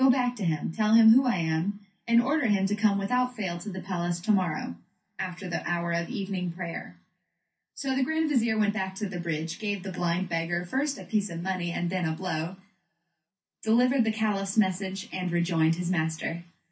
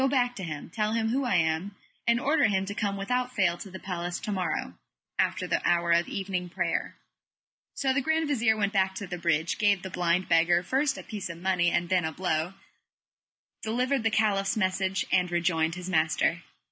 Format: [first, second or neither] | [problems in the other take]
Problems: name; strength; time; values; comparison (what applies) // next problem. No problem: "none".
second | room echo; dies away in 0.3 s